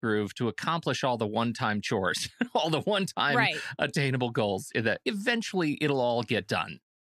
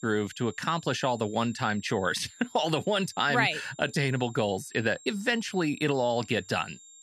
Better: first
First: none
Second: high-pitched whine; faint; throughout; 7.5 kHz, 20 dB below the speech

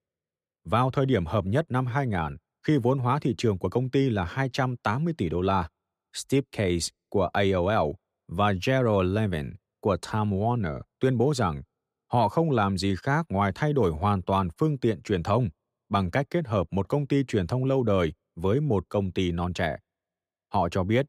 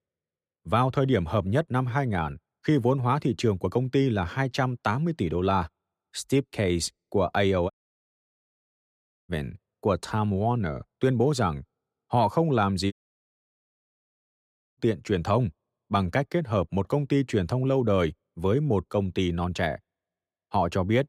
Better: first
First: none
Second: audio cutting out; at 7.5 s for 1.5 s and at 13 s for 2 s

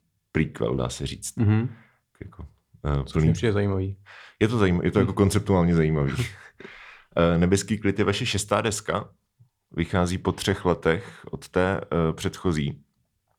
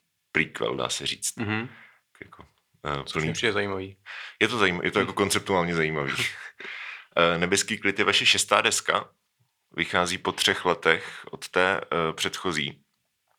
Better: first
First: none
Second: thin; somewhat; fading below 800 Hz

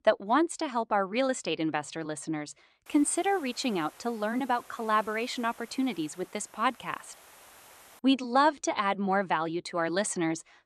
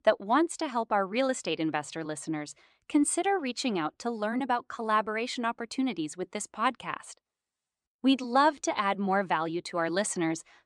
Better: second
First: hiss; faint; from 3 to 8 s; 25 dB below the speech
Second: none

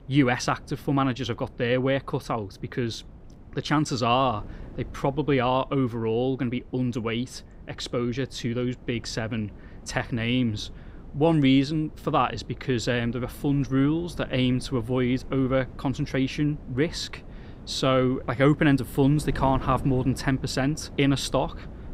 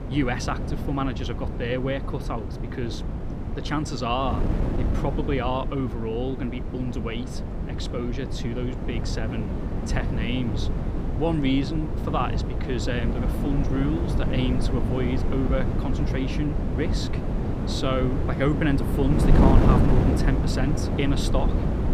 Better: first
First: wind noise on the microphone; occasional gusts; 25 dB below the speech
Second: wind noise on the microphone; heavy; 3 dB below the speech

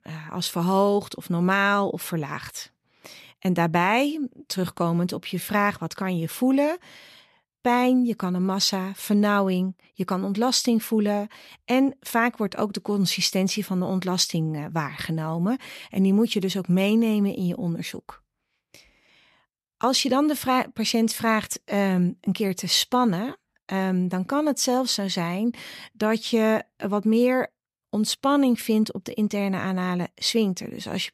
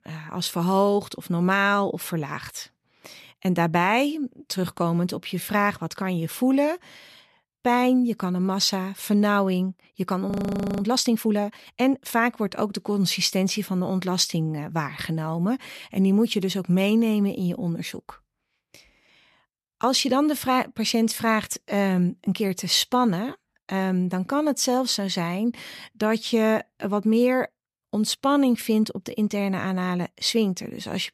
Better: first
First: none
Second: audio freezing; at 10 s for 0.5 s

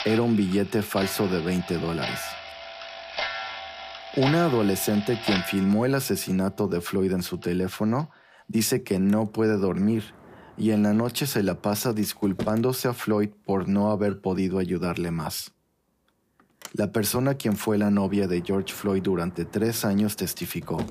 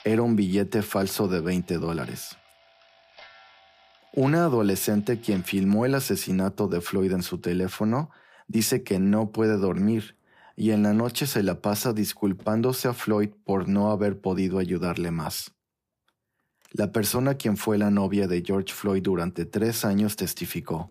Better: second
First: household noises; loud; throughout; 10 dB below the speech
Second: household noises; faint; throughout; 30 dB below the speech

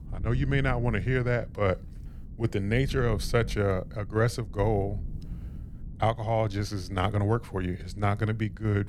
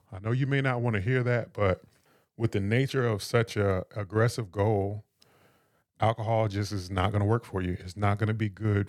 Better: second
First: wind noise on the microphone; occasional gusts; 20 dB below the speech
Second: none

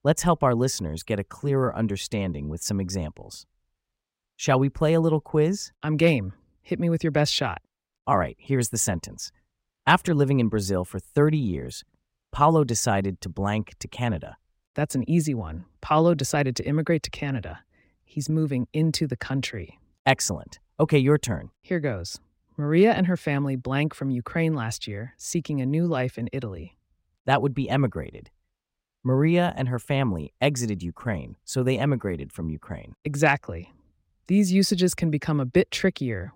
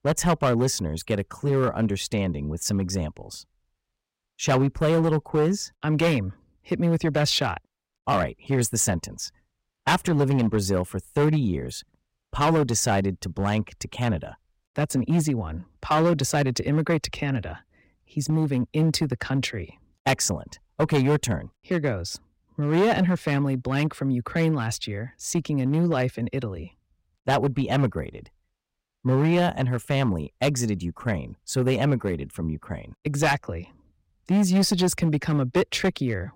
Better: first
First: none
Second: distortion; slight; 6% of the sound clipped

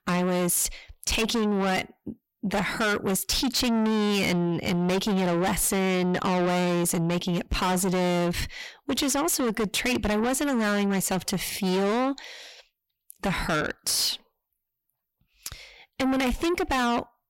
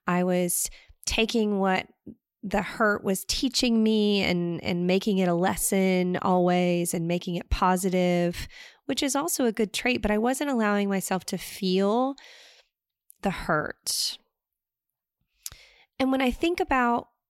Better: second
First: distortion; heavy; 5 dB below the speech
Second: none

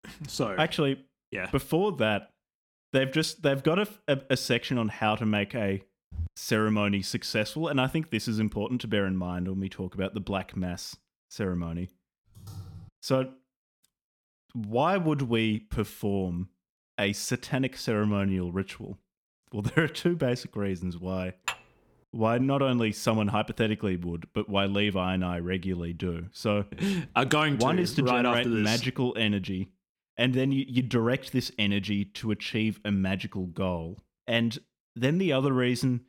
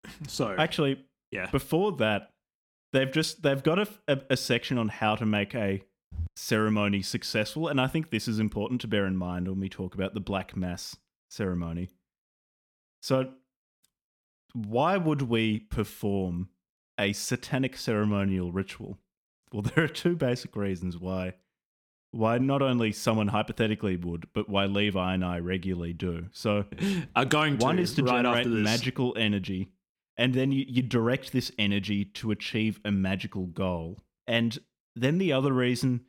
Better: second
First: keyboard typing; faint; at 12 s; peak 15 dB below the speech // clattering dishes; noticeable; at 21 s; peak 7 dB below the speech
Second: none

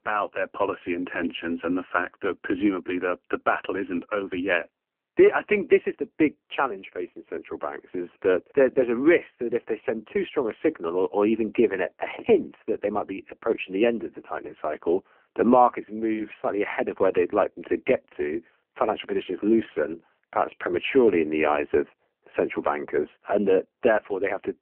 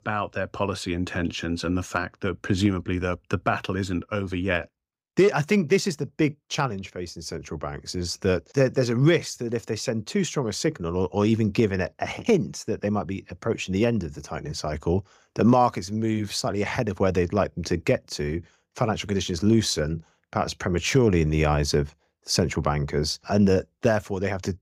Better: second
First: phone-call audio; poor line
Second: none

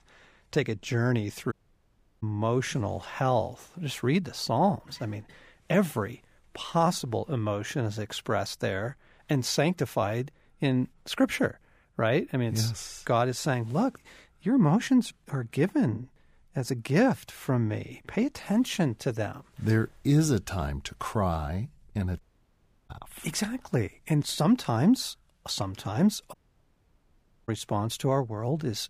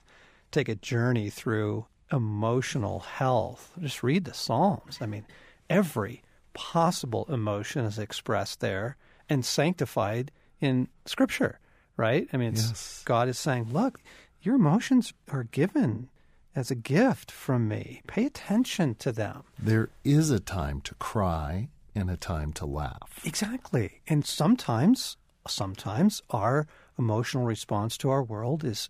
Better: second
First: audio cutting out; at 1.5 s for 0.5 s, at 22 s for 0.5 s and at 26 s for 1 s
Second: none

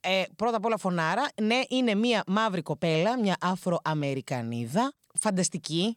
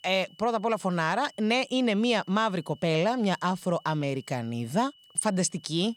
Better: first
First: none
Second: high-pitched whine; faint; throughout; 3 kHz, 30 dB below the speech

